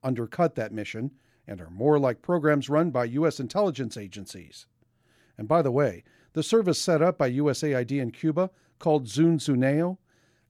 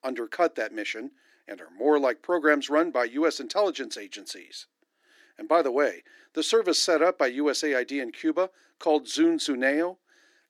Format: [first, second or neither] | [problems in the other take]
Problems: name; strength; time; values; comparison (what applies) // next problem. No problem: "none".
first | thin; somewhat; fading below 300 Hz